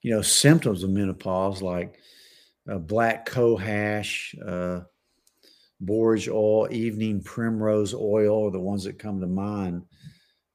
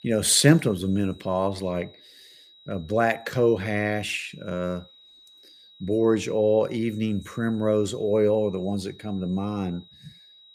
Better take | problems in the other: first | high-pitched whine; faint; throughout; 4 kHz, 25 dB below the speech

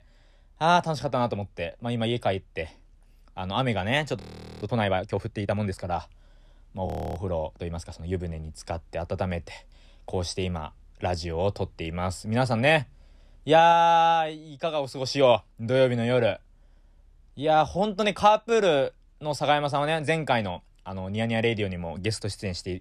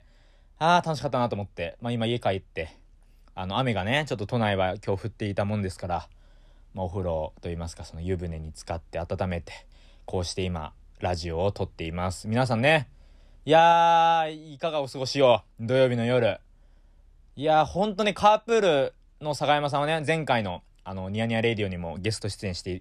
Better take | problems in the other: second | audio freezing; at 4 s and at 7 s

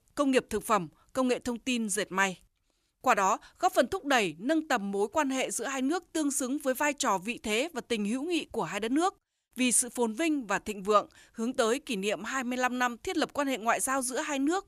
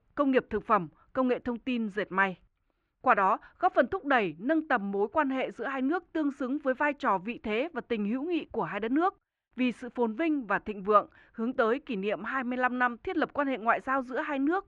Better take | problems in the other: first | muffled; very; fading above 2 kHz

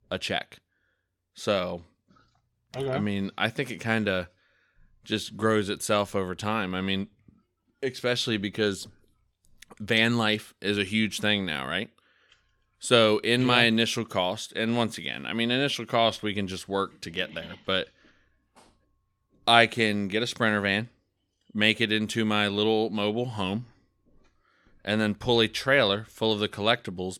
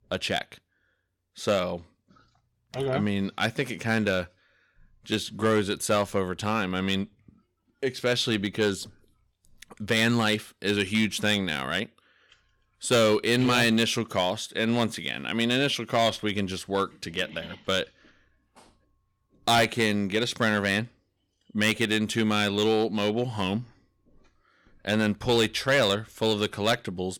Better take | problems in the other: first | distortion; slight; 2% of the sound clipped

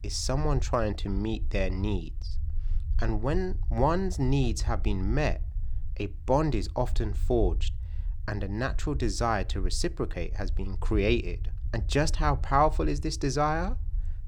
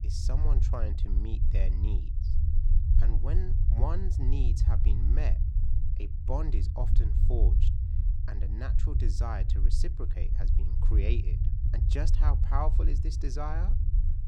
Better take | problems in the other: first | low rumble; loud; throughout; 6 dB below the speech; faint in the first

